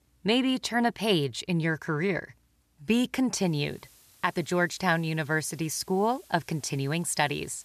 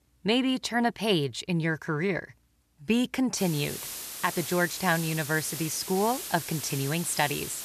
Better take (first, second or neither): first